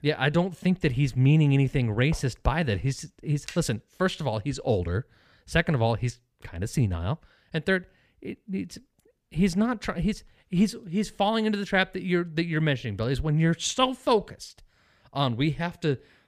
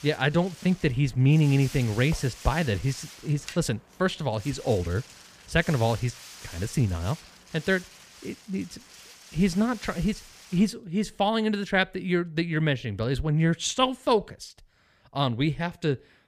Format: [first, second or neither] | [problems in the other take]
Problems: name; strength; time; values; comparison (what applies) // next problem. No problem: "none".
first | wind noise on the microphone; occasional gusts; until 11 s; 15 dB below the speech